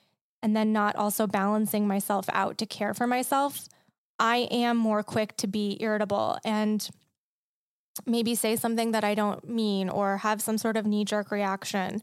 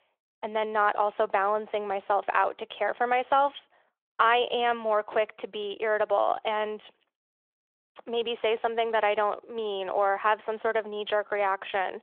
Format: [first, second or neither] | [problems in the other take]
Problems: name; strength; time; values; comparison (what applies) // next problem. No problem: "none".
first | phone-call audio